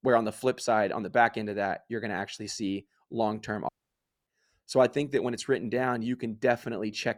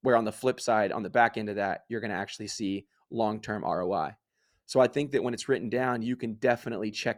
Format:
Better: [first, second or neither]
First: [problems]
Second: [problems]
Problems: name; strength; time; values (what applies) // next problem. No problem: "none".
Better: second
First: audio cutting out; at 3.5 s for 0.5 s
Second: none